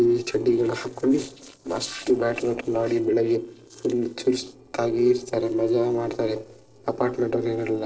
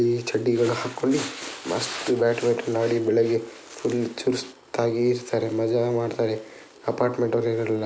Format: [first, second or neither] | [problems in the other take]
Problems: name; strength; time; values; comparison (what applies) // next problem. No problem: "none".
second | noise reduction (neural separator model SepFormer DNS4)